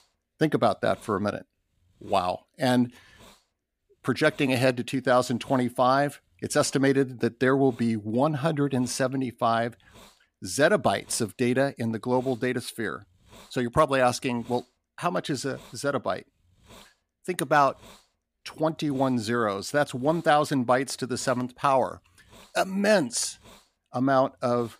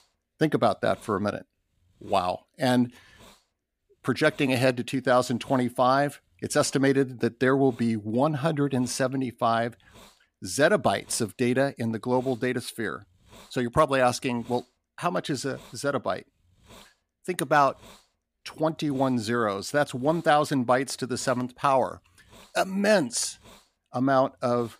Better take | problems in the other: neither | hiss; faint; throughout; 30 dB below the speech; the same in both

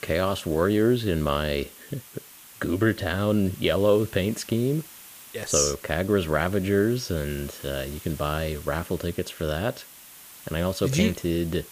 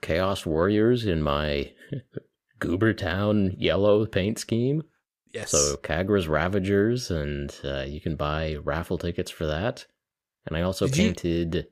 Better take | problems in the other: second | hiss; noticeable; throughout; 20 dB below the speech

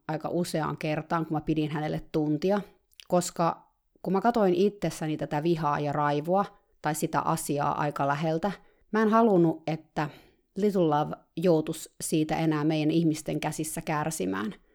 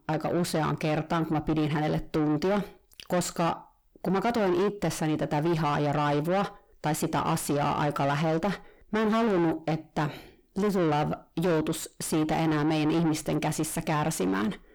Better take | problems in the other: first | distortion; heavy; 7 dB below the speech

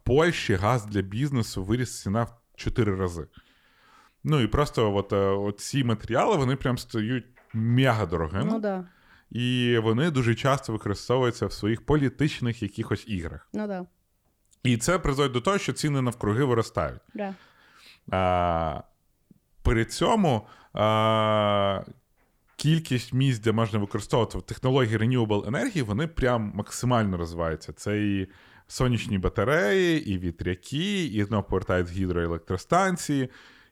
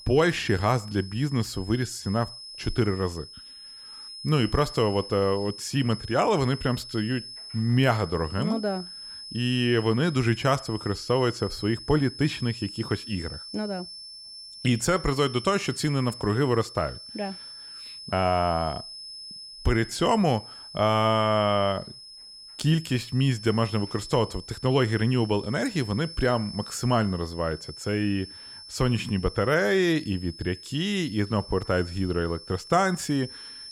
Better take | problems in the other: first | high-pitched whine; noticeable; throughout; 5 kHz, 15 dB below the speech

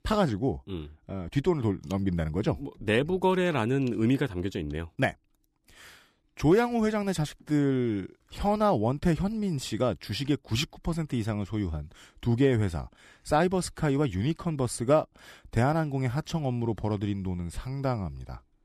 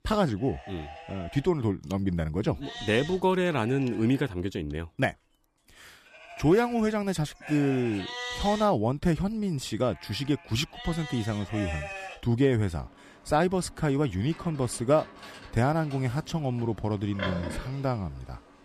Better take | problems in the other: first | animal sounds; noticeable; throughout; 15 dB below the speech

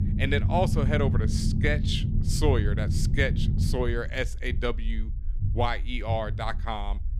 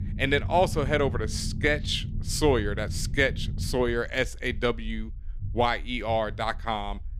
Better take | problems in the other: second | low rumble; loud; throughout; 10 dB below the speech; faint in the second

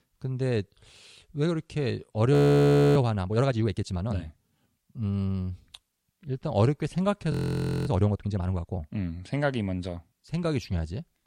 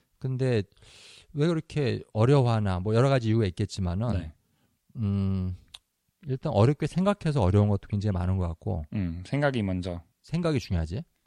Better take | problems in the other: second | audio freezing; at 2.5 s for 0.5 s and at 7.5 s for 0.5 s

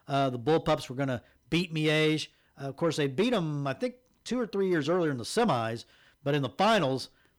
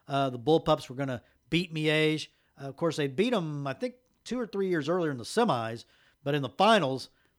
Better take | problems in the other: second | distortion; slight; 10 dB below the speech

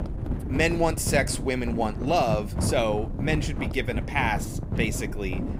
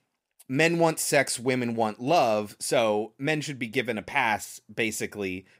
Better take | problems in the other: second | wind noise on the microphone; occasional gusts; 10 dB below the speech

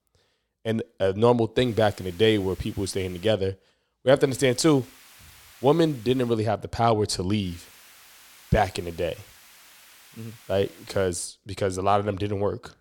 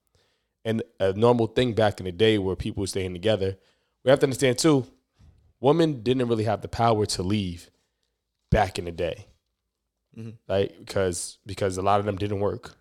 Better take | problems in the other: second | hiss; faint; from 1.5 to 3.5 s, from 4.5 to 6.5 s and from 7.5 to 11 s; 25 dB below the speech

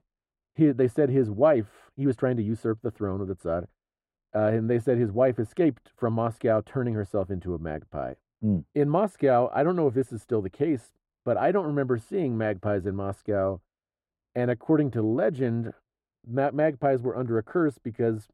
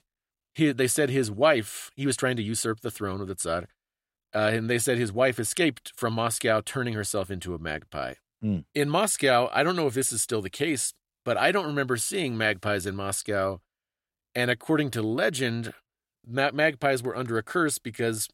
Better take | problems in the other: second | muffled; very; fading above 2 kHz

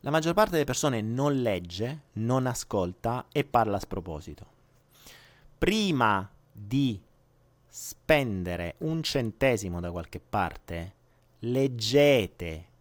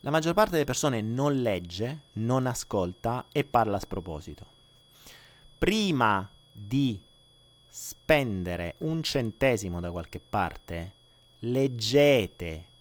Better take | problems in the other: first | high-pitched whine; faint; throughout; 3.5 kHz, 30 dB below the speech

